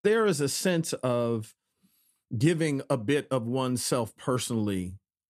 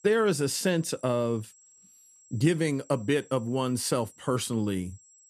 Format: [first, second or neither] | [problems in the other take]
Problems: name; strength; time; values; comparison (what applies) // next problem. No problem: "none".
first | high-pitched whine; faint; throughout; 7.5 kHz, 25 dB below the speech